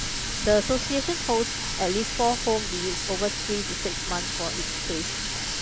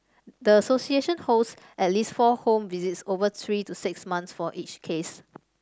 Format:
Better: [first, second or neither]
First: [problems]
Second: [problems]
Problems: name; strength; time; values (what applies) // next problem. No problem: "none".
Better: second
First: background sound (Water tap, faucet); 1 dB below the speech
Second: none